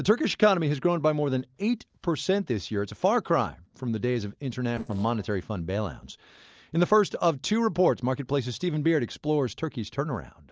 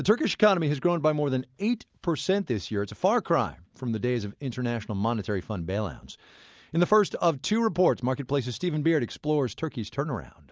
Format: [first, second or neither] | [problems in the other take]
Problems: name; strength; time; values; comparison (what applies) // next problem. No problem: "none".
second | noise reduction (neural separator model SepFormer DNS4)